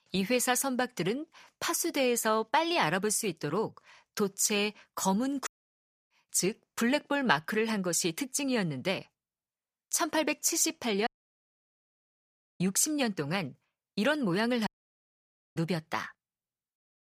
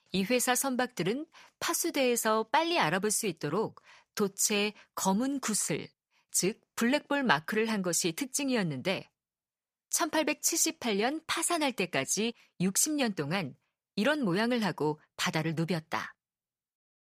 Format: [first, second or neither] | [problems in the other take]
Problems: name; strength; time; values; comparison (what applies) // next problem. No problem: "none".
second | audio cutting out; at 5.5 s for 0.5 s, at 11 s for 1.5 s and at 15 s for 1 s